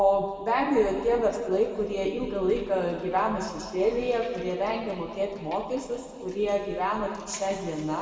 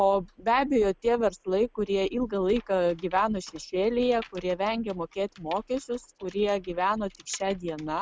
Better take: second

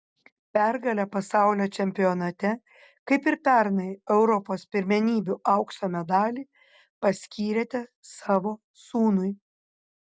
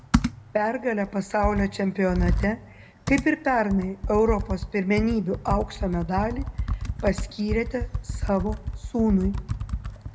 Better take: first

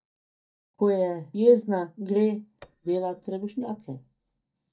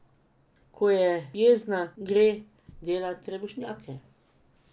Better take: second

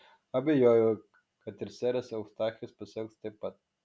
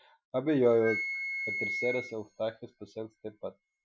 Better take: first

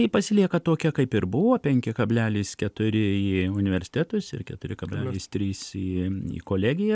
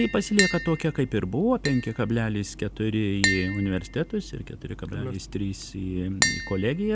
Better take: first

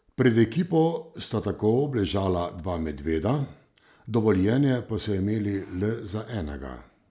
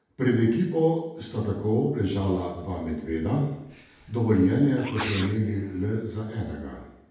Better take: first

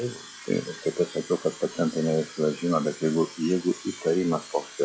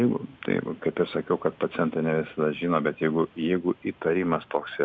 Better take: second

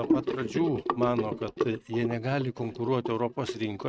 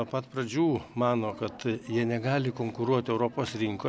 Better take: second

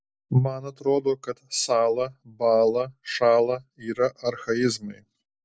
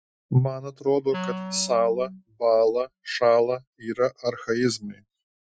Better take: first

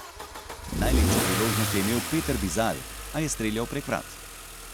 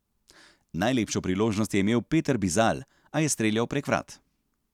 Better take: second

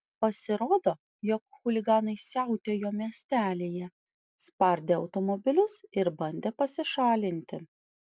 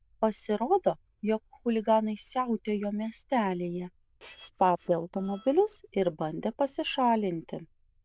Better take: first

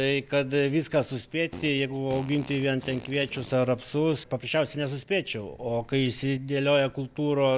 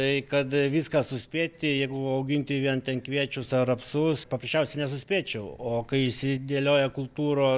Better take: second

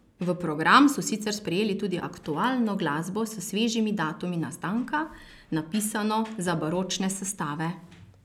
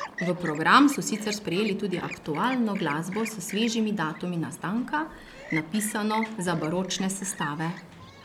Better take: first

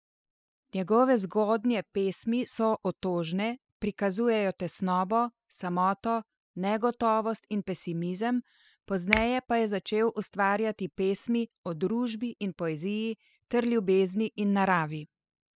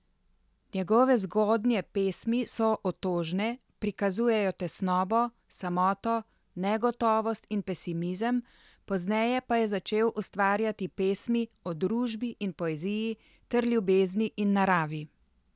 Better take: second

